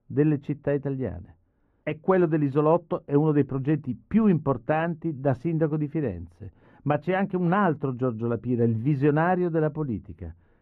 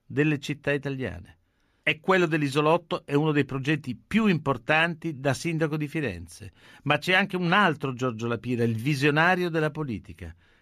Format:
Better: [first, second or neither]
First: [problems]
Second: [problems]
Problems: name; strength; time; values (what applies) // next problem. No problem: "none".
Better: second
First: muffled; very; fading above 2 kHz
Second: none